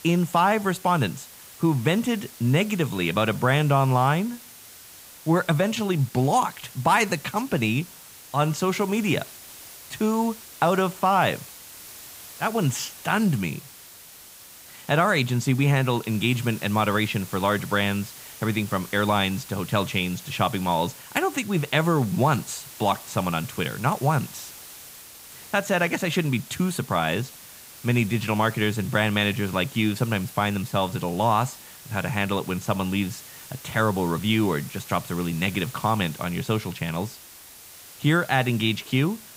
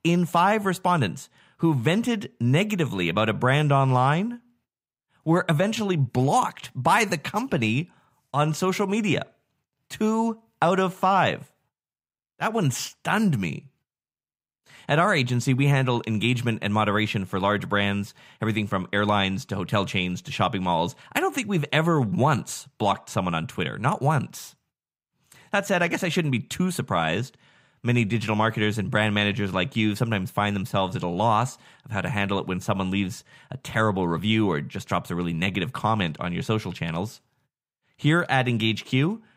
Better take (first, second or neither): second